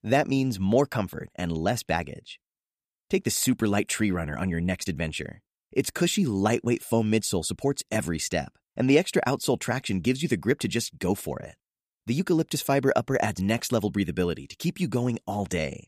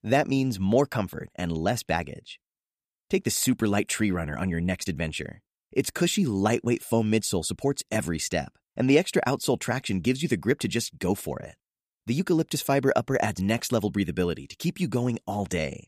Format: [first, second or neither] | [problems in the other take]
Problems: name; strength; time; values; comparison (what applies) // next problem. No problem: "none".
neither | none